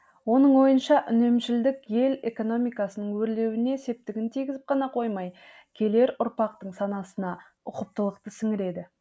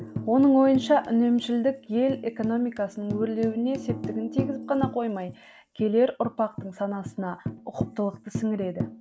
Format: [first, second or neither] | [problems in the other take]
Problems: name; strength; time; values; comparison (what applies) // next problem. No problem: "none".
first | background sound (Tambourine); 10 dB below the speech